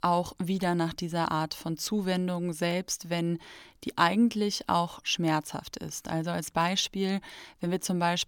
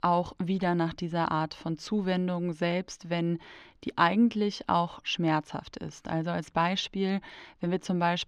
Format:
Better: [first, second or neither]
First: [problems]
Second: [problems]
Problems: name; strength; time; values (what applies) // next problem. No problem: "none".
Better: first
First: none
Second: muffled; slightly; fading above 3.5 kHz